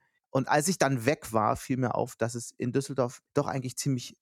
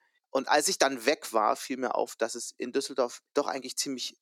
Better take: first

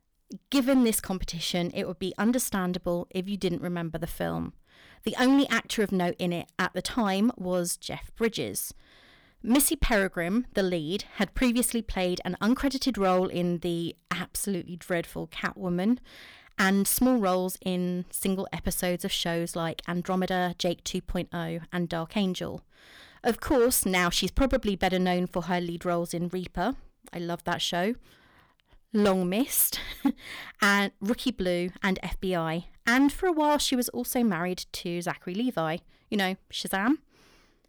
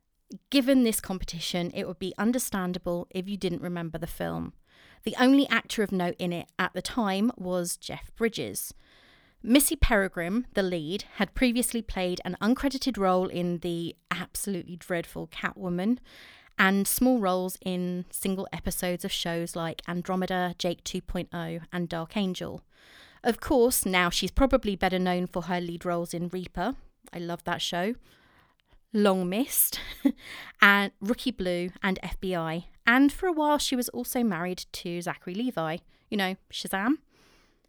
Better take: second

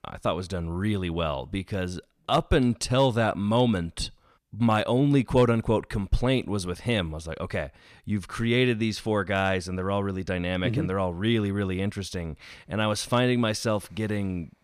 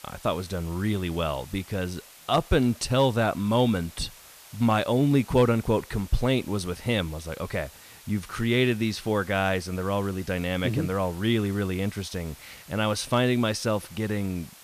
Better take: first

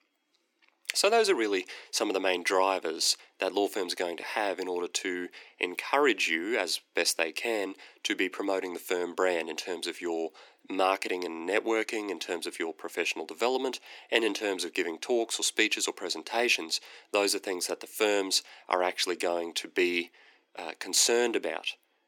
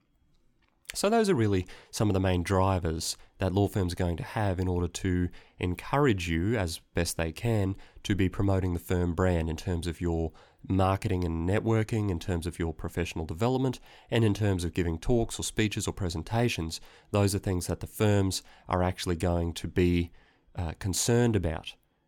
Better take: second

